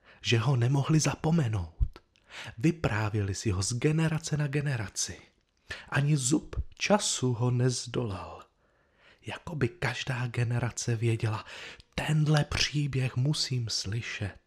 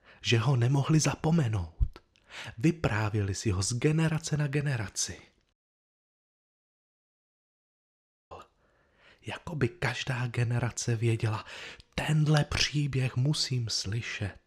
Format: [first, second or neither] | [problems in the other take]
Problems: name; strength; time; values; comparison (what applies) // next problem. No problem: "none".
first | audio cutting out; at 5.5 s for 3 s